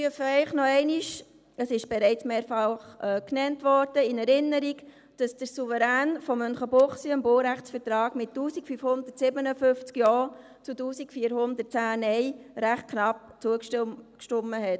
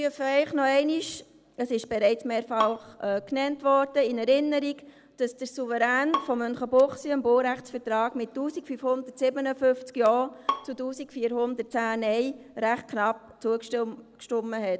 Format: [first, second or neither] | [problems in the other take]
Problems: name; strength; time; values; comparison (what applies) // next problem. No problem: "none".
first | background sound (Bowed string instrument); 11 dB below the speech